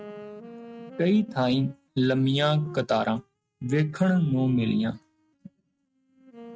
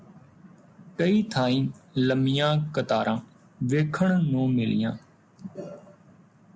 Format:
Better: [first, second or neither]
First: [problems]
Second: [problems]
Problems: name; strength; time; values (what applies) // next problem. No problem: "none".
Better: second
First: noise reduction (neural mask model RNNoise)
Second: none